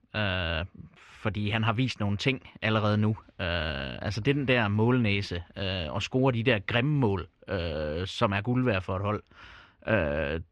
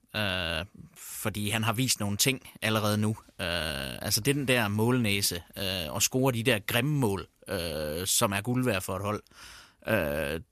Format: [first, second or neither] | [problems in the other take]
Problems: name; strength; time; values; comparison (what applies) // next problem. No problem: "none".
second | muffled; slightly; fading above 3 kHz